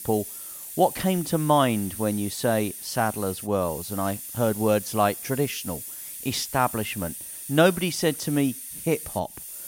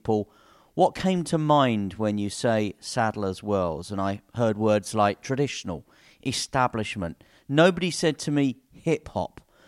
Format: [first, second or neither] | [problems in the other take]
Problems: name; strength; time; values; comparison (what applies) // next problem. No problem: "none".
second | hiss; loud; throughout; 9 dB below the speech